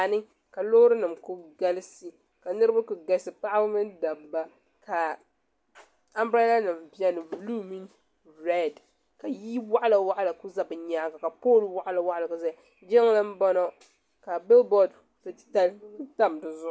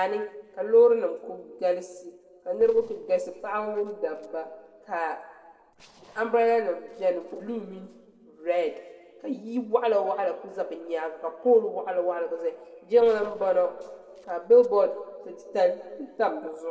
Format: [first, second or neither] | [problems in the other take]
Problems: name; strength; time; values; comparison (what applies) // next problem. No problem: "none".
first | noise reduction (neural separator model SepFormer DNS4)